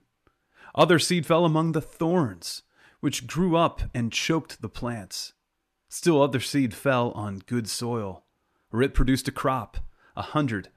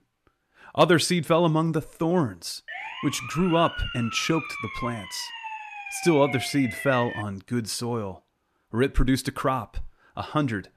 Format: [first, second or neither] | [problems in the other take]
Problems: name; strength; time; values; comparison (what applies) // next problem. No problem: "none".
first | siren; noticeable; from 2.5 to 7 s; peak 7 dB below the speech